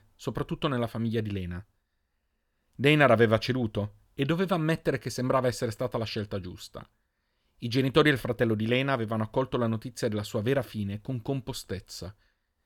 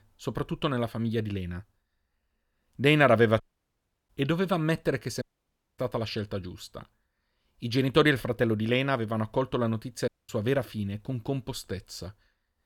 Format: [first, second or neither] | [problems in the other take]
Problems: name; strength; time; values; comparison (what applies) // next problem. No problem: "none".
first | audio cutting out; at 3.5 s for 0.5 s, at 5 s for 0.5 s and at 10 s